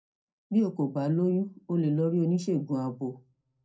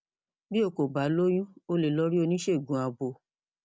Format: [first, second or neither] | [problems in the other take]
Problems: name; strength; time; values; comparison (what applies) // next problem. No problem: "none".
second | room echo; dies away in 0.2 s